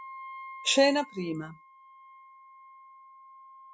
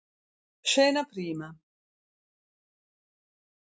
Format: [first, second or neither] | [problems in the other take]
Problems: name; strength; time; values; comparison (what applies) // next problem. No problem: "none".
second | background sound (Wind instrument, woodwind instrument); 16 dB below the speech